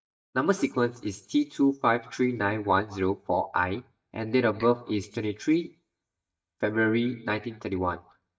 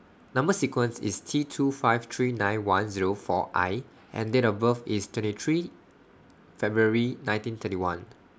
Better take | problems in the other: second | noise reduction (neural mask model DeepFilterNet 3)

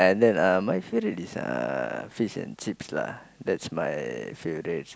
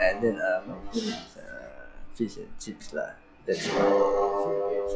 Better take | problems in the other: first | noise reduction (classical method log-MMSE)

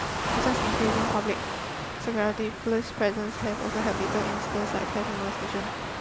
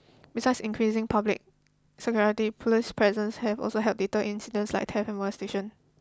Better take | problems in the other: second | background sound (Waves, surf); as loud as the speech

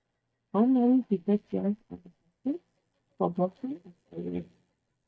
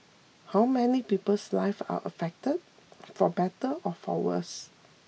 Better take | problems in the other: second | noise reduction (neural mask model DeepFilterNet 3)

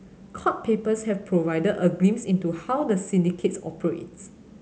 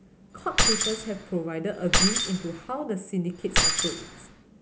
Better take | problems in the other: first | background sound (Keys jangling); 5 dB above the speech

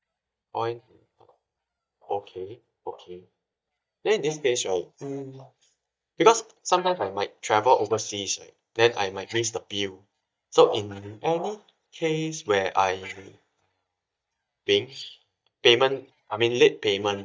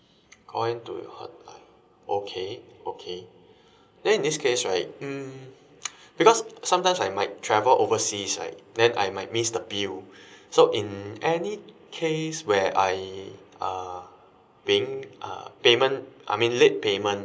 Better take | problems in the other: second | noise reduction (neural mask model DeepFilterNet 3)

